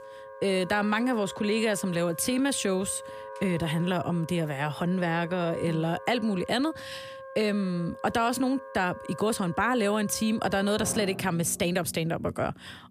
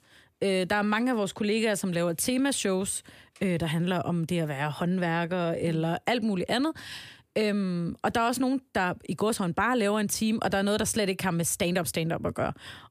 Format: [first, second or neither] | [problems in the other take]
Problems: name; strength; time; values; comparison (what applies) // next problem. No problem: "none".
second | background music; noticeable; throughout; 15 dB below the speech